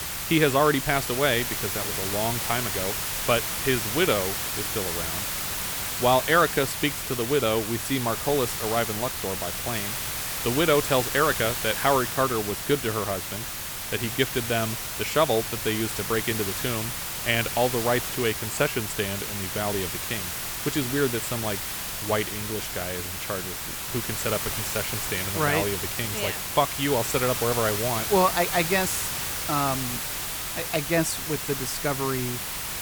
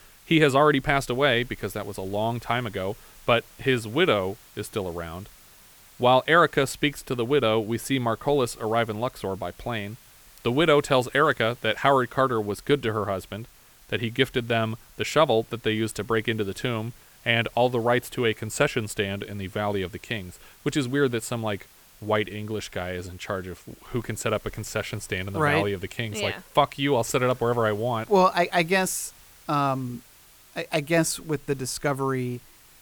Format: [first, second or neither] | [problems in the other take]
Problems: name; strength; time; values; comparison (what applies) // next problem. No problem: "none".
second | hiss; loud; throughout; 2 dB below the speech; faint in the second